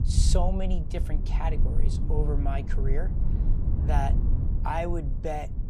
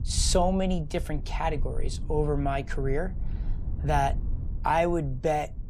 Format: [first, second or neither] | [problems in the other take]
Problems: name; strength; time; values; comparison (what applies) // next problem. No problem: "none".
second | low rumble; loud; throughout; 10 dB below the speech; faint in the second